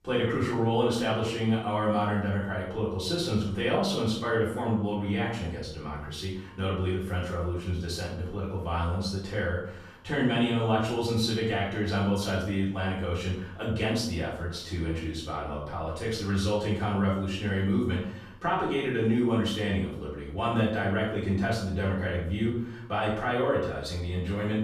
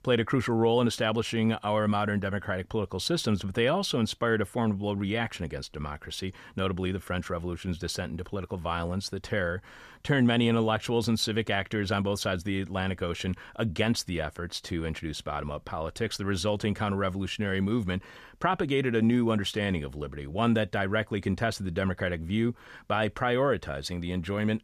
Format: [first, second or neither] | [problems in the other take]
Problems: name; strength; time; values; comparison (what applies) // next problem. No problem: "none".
second | off-mic speech; far // room echo; noticeable; dies away in 0.6 s